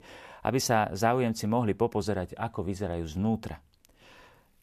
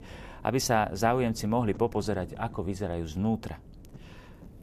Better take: first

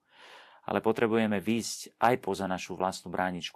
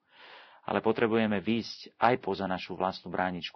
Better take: first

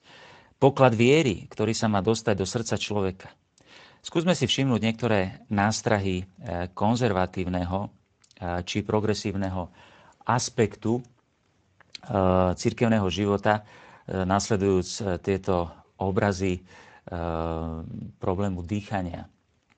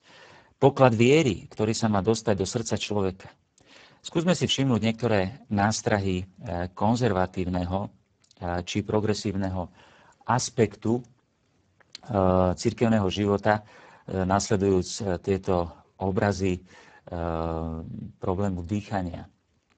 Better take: first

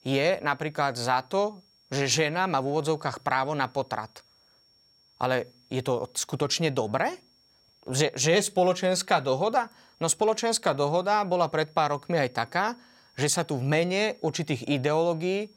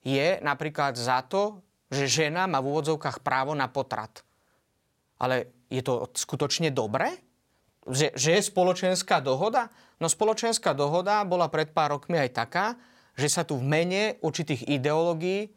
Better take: second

